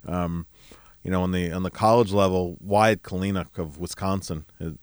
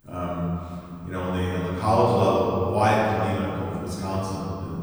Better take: first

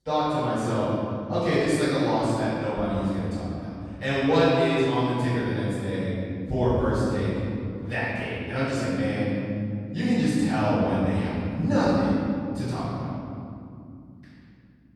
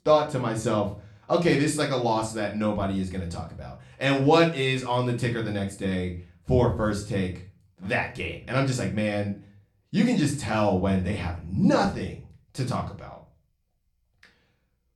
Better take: second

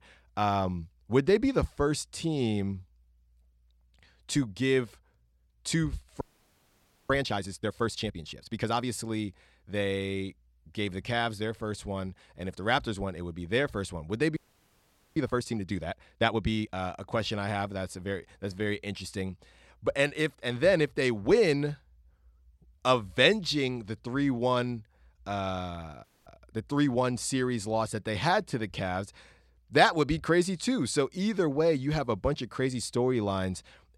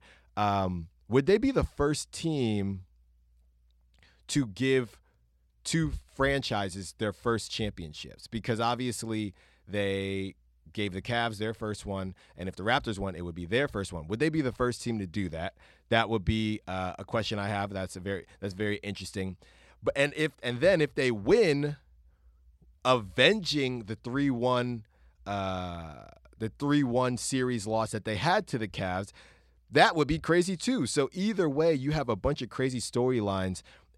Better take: second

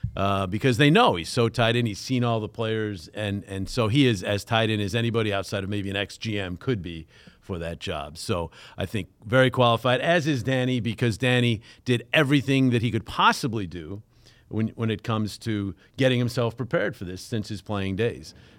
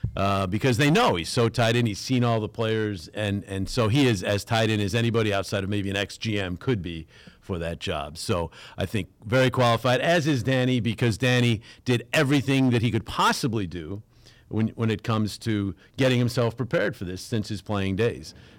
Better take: first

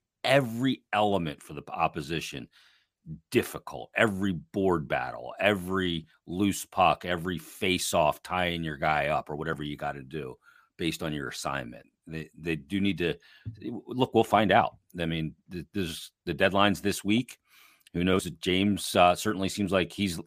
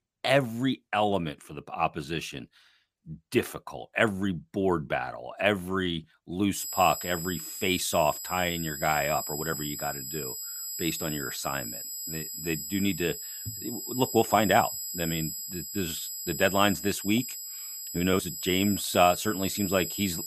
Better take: first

